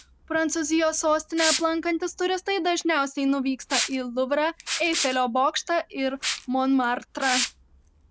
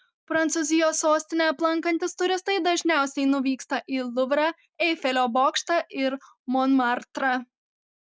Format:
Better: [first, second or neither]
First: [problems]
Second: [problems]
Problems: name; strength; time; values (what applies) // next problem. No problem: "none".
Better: second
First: background sound (Liquid); 8 dB below the speech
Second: none